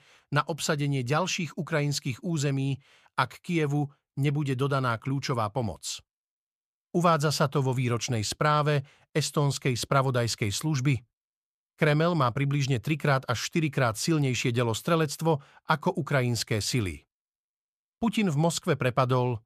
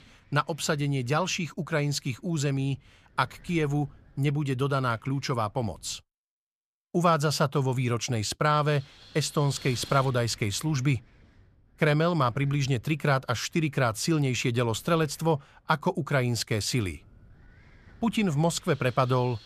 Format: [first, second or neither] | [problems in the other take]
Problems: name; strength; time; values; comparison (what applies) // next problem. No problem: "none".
first | wind noise on the microphone; occasional gusts; until 6 s and from 8.5 s on; 20 dB below the speech